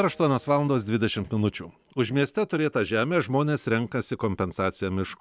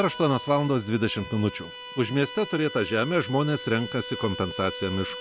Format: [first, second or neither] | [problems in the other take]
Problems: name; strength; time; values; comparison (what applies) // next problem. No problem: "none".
first | background sound (Bowed string instrument); 12 dB below the speech